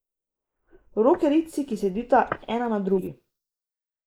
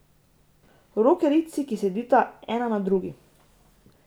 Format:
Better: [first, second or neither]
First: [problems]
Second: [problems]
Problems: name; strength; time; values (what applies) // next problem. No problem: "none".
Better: second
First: noise reduction (neural mask model Resemble Enhance denoiser)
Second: none